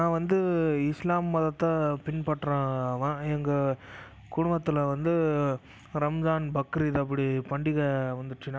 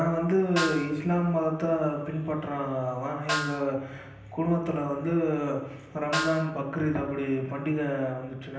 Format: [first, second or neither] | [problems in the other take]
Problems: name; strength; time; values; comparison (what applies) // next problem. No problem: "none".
first | background sound (Snare drum); 9 dB below the speech // room echo; dies away in 0.9 s